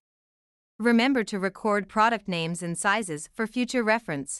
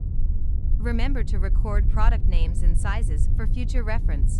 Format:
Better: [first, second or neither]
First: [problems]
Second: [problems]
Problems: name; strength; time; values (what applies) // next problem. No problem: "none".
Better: first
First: none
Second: low rumble; loud; throughout; 10 dB below the speech